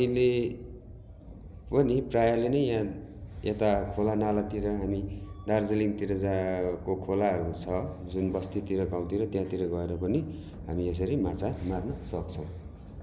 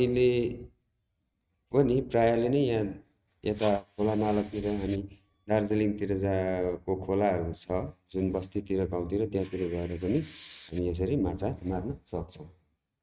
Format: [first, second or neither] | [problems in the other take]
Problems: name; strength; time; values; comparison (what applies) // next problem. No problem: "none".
first | noise reduction (neural mask model RNNoise)